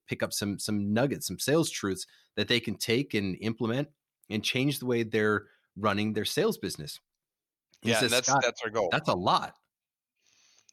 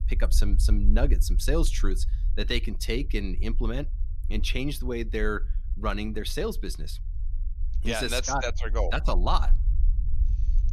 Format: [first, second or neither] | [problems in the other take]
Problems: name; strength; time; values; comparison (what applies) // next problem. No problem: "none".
first | low rumble; faint; throughout; 20 dB below the speech